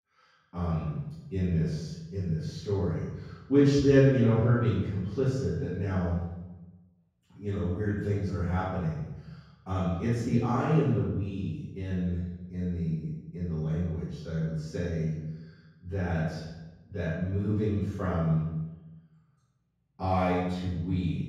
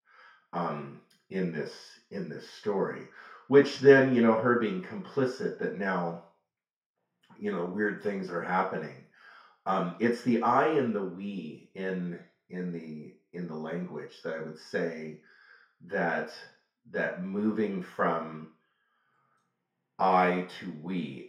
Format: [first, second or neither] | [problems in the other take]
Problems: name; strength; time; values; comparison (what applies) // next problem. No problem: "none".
second | room echo; strong; dies away in 1.4 s; slight in the second // off-mic speech; far; far in the second